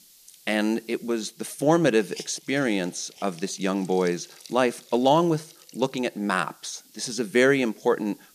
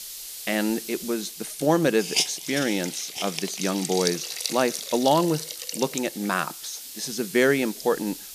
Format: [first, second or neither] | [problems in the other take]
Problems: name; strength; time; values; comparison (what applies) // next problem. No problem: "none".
first | hiss; loud; throughout; 6 dB below the speech; faint in the first